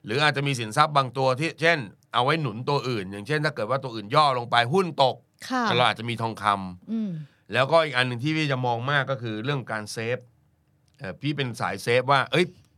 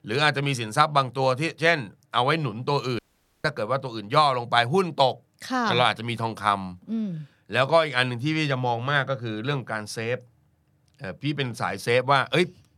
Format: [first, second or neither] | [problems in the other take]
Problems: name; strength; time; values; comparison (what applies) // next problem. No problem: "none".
first | audio cutting out; at 3 s